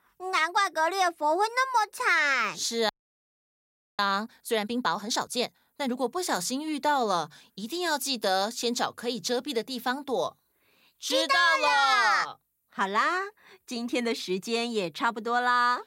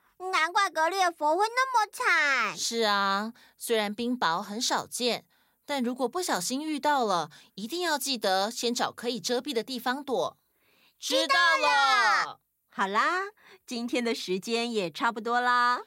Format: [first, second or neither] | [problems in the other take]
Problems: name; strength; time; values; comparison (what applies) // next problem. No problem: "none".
second | audio freezing; at 3 s for 1 s